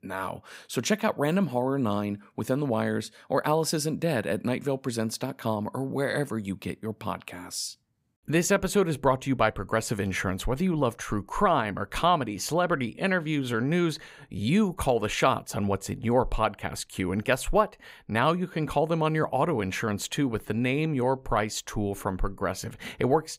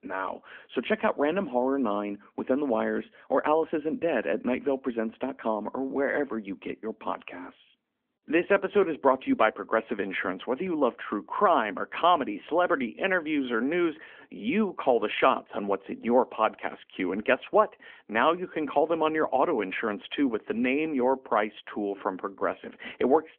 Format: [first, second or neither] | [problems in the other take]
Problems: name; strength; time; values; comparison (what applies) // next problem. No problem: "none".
first | phone-call audio; nothing above 3.5 kHz